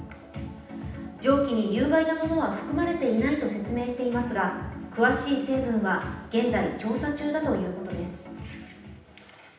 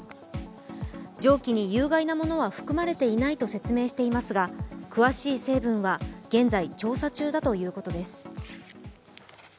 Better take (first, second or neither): second